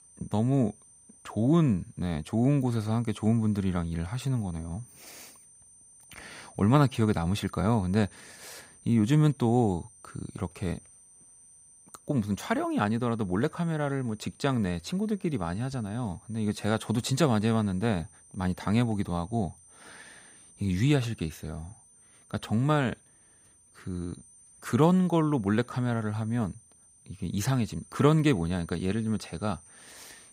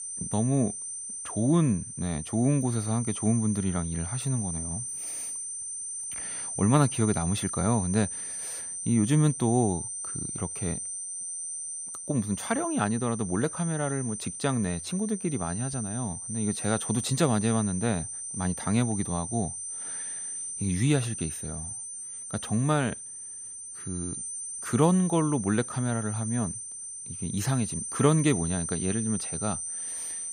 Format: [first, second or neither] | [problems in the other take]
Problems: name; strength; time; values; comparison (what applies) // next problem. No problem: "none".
first | high-pitched whine; loud; throughout; 9 kHz, 5 dB below the speech; faint in the first